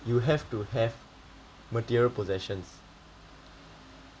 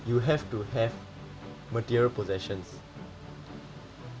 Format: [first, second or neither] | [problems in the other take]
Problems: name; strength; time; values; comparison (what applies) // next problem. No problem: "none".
first | background sound (Musical instrument); 13 dB below the speech